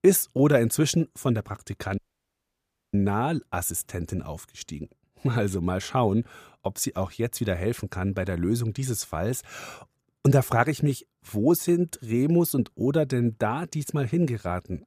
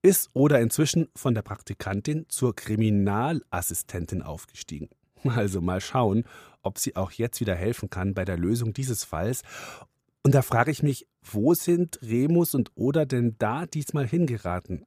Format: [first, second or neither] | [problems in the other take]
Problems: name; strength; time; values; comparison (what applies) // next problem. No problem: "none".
second | audio cutting out; at 2 s for 1 s